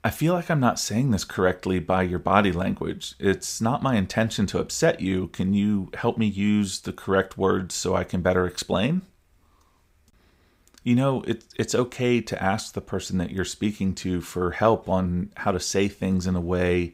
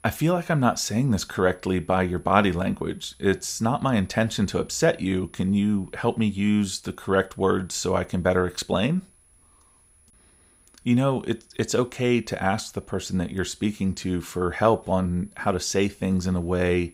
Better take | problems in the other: first | high-pitched whine; faint; throughout; 10.5 kHz, 30 dB below the speech

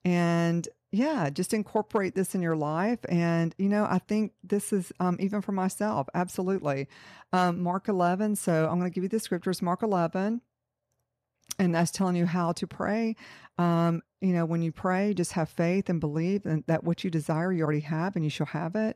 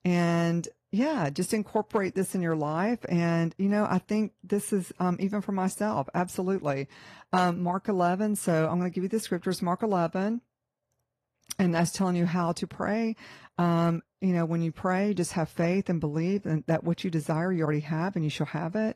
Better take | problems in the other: first | garbled, watery; slightly; nothing above 12.5 kHz

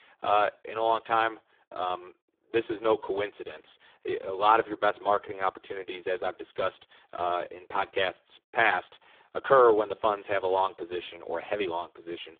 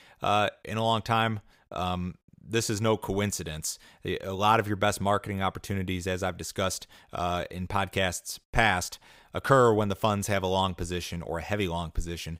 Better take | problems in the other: second | phone-call audio; poor line

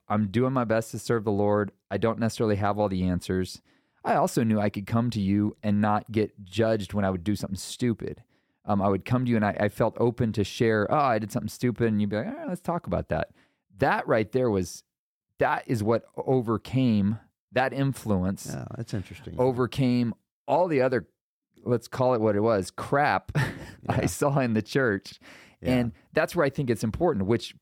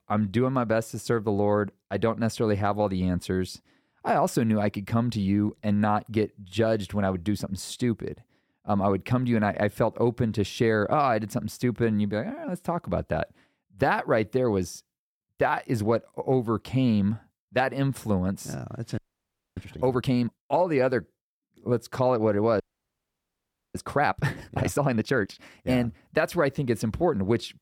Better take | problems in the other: first | audio freezing; at 19 s for 0.5 s and at 23 s for 1 s

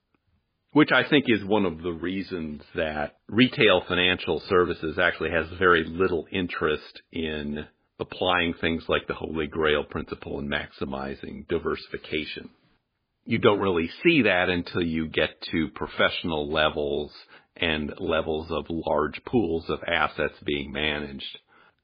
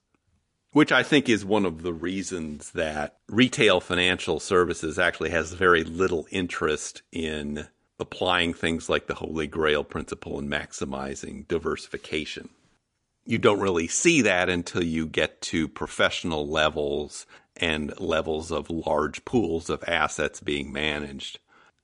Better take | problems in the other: second | garbled, watery; badly; slightly in the second

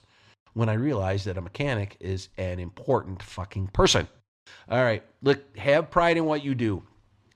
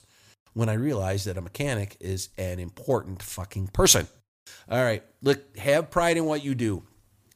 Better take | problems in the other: second | muffled; slightly; fading above 3.5 kHz

